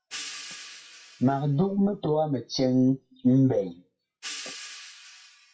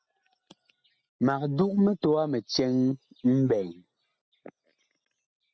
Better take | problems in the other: second | noise reduction (classical method WPE with log-MMSE)

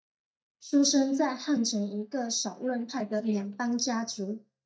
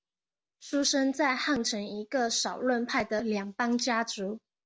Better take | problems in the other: second | noise reduction (neural mask model DeepFilterNet 3)

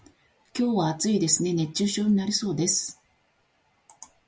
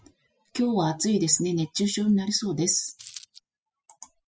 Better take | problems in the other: first | noise reduction (classical method spectral subtraction)

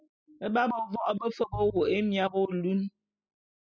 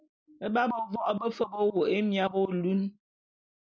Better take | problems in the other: second | noise reduction (classical method spectral subtraction)

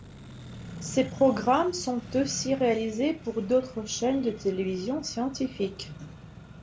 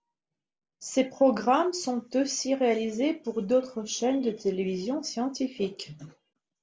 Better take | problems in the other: second | background sound (Accelerating, revving, vroom); 15 dB below the speech

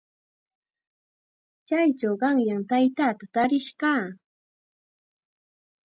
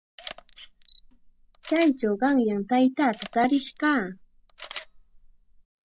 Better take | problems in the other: first | background sound (Camera); 19 dB below the speech

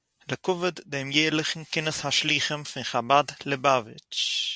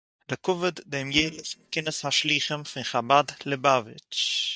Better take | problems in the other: first | noise reduction (neural mask model DeepFilterNet 3)

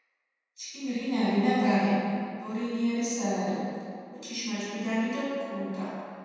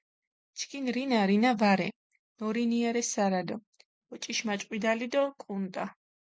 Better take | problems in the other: second | room echo; dies away in 2.1 s

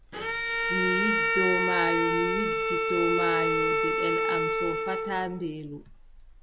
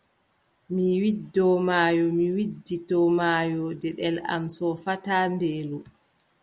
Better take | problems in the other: second | background sound (Bowed string instrument); 4 dB above the speech

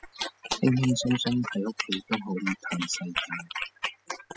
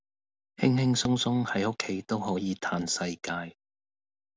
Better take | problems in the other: second | noise reduction (classical method spectral subtraction)

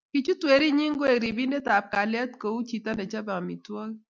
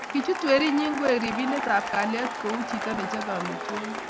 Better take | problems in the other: first | background sound (Applause / Cheering); 5 dB below the speech

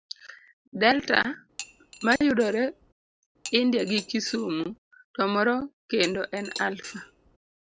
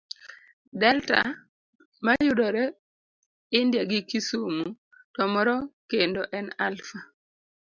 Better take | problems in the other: second | background sound (Cutlery, silverware / Dishes, pots, and pans); 16 dB below the speech

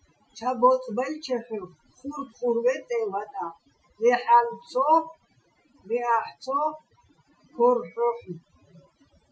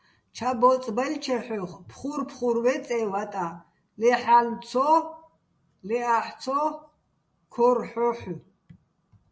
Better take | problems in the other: second | noise reduction (classical method Wiener filter)

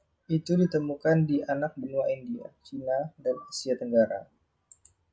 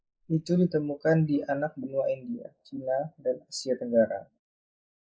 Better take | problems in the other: first | noise reduction (neural mask model Resemble Enhance denoiser)

